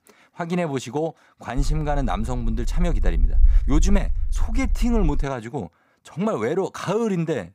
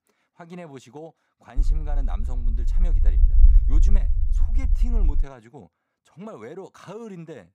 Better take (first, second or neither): first